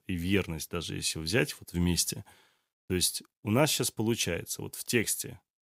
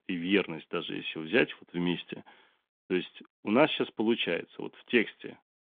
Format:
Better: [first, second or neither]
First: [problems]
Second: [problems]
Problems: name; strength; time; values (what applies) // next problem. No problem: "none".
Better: first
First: none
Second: phone-call audio; nothing above 3.5 kHz